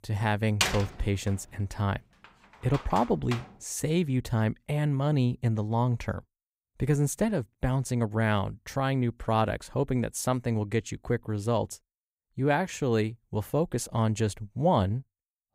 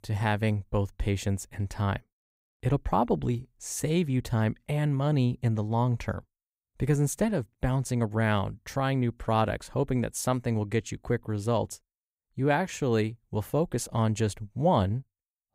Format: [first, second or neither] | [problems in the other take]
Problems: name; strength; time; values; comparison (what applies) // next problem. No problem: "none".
second | door banging; loud; from 0.5 to 3.5 s; peak 1 dB above the speech